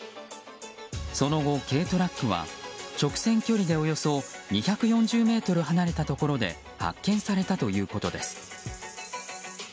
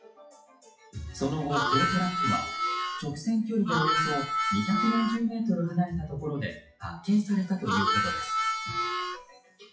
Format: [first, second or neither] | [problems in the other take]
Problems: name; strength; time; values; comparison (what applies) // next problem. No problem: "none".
first | noise reduction (classical method WPE with log-MMSE)